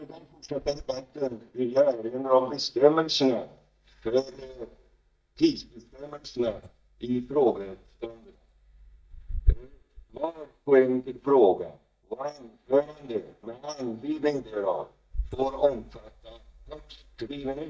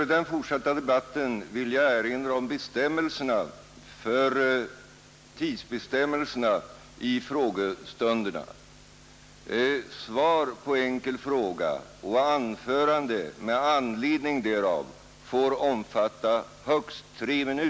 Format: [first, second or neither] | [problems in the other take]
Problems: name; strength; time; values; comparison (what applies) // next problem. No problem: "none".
second | noise reduction (neural mask model DeepFilterNet 3)